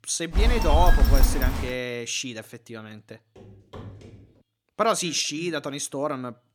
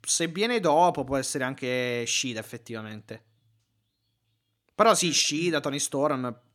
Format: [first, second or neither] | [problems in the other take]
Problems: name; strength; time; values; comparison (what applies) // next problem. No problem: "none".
second | phone ringing; loud; until 1.5 s; peak 6 dB above the speech // footsteps; faint; at 3.5 s; peak 15 dB below the speech